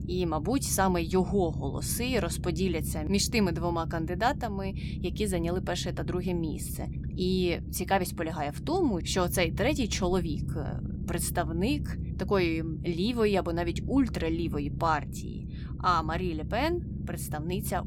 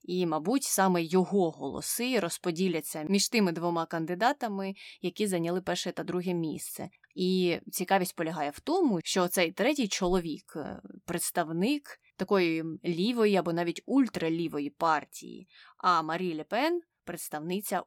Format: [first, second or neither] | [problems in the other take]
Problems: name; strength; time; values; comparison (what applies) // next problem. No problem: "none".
second | low rumble; noticeable; throughout; 15 dB below the speech